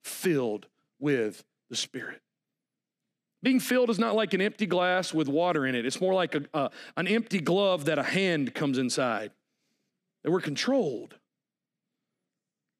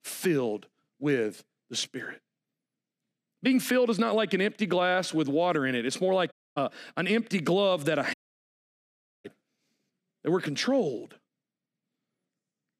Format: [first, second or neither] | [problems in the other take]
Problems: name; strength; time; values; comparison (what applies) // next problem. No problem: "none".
first | audio cutting out; at 6.5 s and at 8 s for 1 s